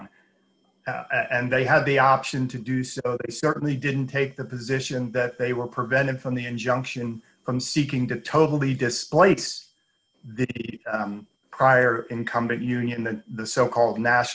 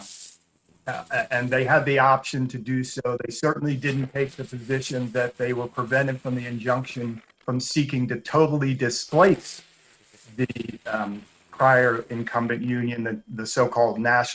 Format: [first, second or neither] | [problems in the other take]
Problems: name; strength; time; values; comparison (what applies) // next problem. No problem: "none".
first | noise reduction (neural mask model RNNoise)